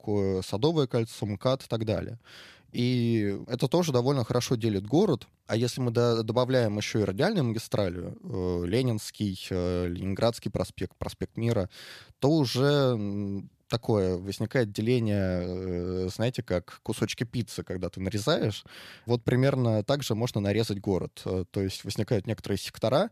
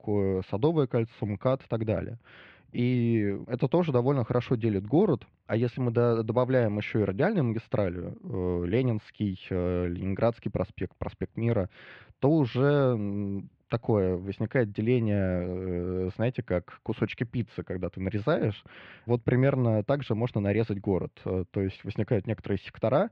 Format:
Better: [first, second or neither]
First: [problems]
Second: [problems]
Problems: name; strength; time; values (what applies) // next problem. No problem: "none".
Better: first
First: none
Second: muffled; very; fading above 2.5 kHz